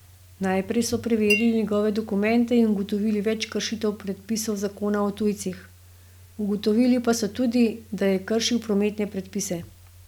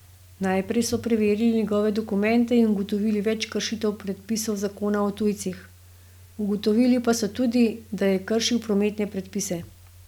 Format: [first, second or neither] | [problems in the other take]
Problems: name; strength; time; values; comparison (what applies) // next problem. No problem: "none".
second | background sound (Chink, clink); 7 dB below the speech